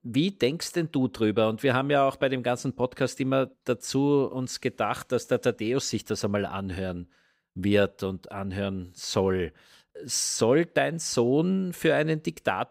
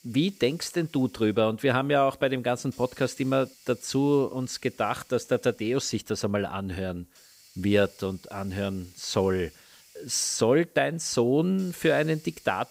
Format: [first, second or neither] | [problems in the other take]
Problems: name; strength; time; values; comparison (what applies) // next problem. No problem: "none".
first | hiss; faint; throughout; 25 dB below the speech